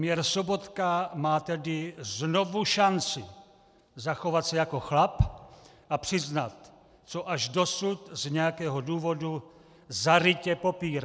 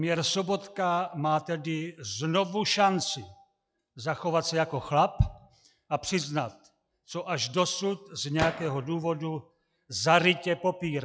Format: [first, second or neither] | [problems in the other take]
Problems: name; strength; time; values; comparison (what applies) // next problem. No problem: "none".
first | noise reduction (classical method log-MMSE)